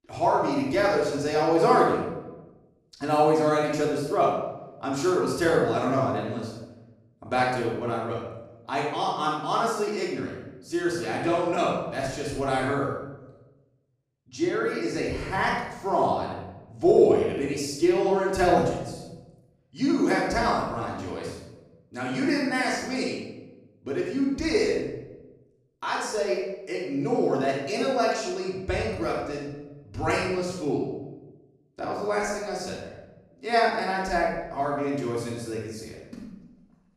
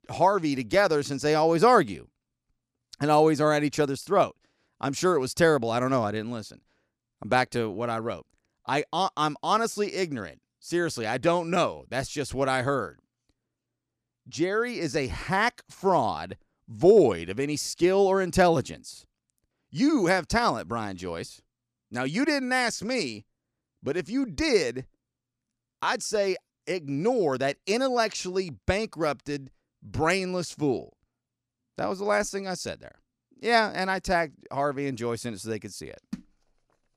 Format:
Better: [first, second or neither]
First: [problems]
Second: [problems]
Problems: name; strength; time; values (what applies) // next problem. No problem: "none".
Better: second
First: off-mic speech; far // room echo; noticeable; dies away in 0.8 s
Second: none